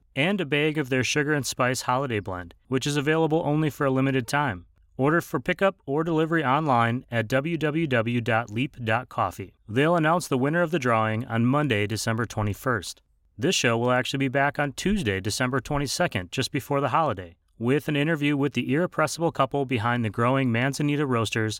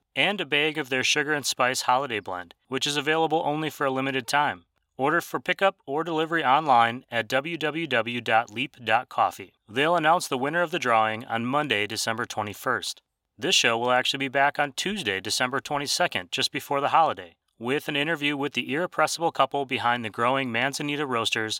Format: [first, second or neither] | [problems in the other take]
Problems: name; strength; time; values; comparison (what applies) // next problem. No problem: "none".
first | thin; somewhat; fading below 550 Hz